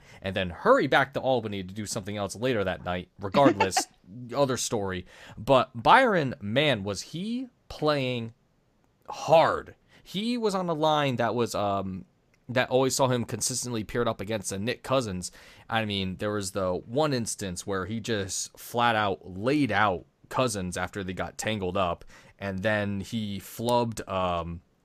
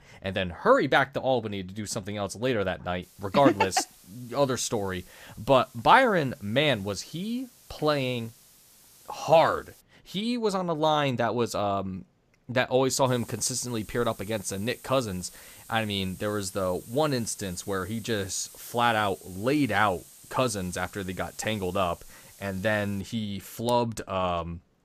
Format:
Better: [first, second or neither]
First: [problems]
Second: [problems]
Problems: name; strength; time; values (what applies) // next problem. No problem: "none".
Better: first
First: none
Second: hiss; faint; from 3 to 10 s and from 13 to 23 s; 20 dB below the speech